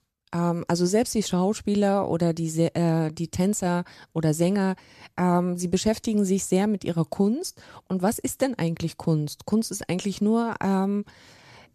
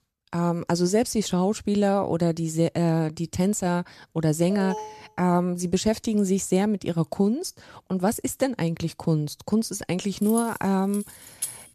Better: first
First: none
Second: alarm; noticeable; at 4.5 s; peak 9 dB below the speech // jangling keys; noticeable; from 10 s on; peak 7 dB below the speech

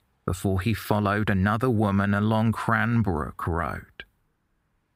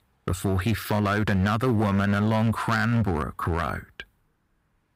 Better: first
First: none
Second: distortion; slight; 14% of the sound clipped

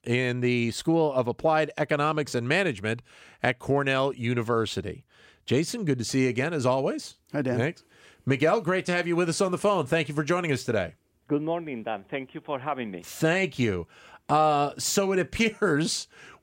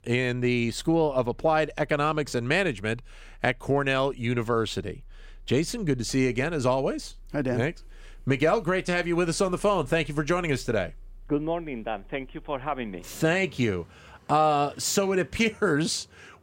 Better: first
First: none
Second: traffic noise; faint; throughout; 25 dB below the speech

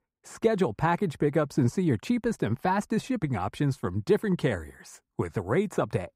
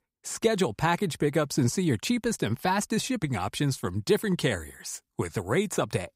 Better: second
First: muffled; slightly; fading above 2.5 kHz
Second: none

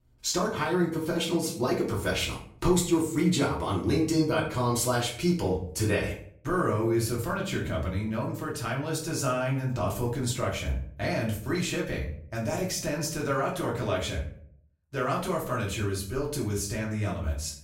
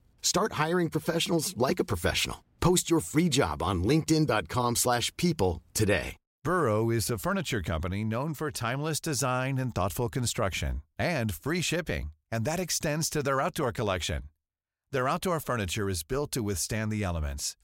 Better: second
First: room echo; slight; dies away in 0.5 s // off-mic speech; far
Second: none

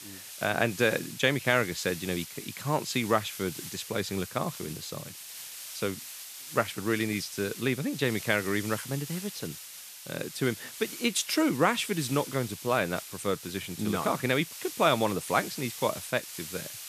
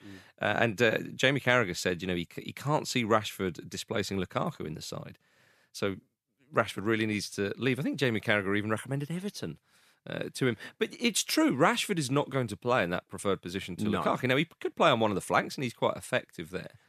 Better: second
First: hiss; noticeable; throughout; 10 dB below the speech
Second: none

